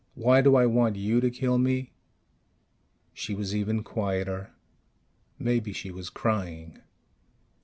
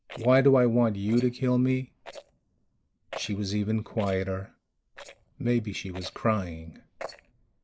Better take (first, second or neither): first